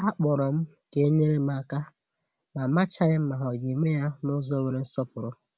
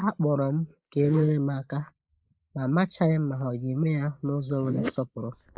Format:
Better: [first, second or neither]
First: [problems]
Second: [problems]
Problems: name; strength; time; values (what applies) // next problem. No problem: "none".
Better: first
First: none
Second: noise reduction (neural mask model Resemble Enhance denoiser)